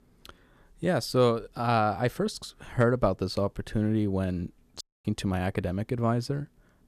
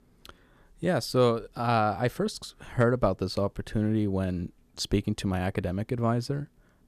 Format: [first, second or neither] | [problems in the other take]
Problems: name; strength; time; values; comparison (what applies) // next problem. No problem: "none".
second | audio cutting out; at 5 s